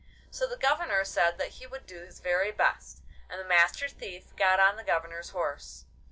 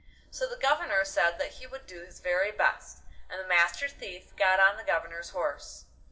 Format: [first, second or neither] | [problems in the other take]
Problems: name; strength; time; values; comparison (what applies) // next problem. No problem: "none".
first | room echo; dies away in 0.4 s